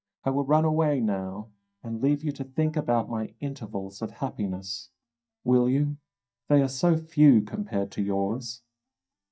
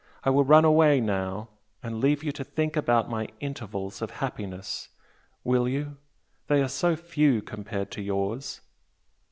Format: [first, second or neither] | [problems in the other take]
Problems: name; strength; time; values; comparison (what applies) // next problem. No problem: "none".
second | noise reduction (neural mask model DeepFilterNet 3)